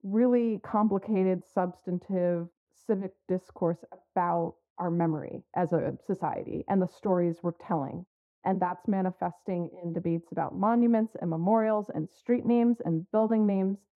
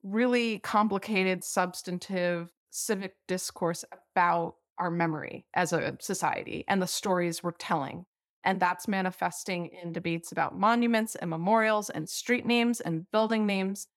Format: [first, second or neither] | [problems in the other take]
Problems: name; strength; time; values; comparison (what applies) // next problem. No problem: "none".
second | muffled; very; fading above 1.5 kHz